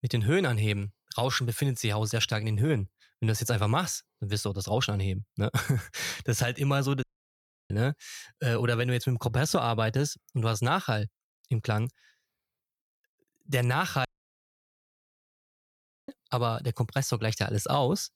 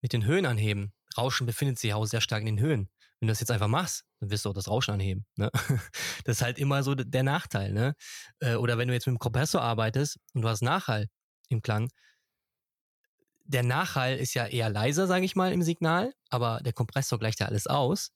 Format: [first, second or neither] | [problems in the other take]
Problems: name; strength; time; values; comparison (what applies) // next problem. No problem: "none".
second | audio cutting out; at 7 s for 0.5 s and at 14 s for 2 s